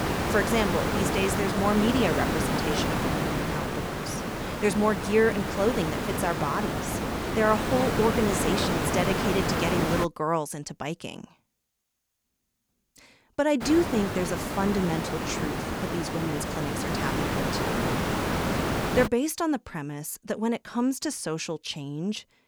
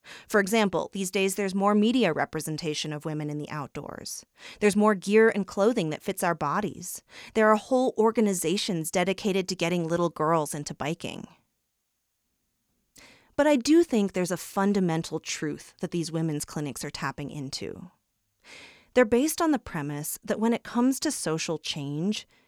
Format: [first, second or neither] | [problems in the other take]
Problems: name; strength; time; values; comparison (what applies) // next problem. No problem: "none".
second | hiss; loud; until 10 s and from 14 to 19 s; as loud as the speech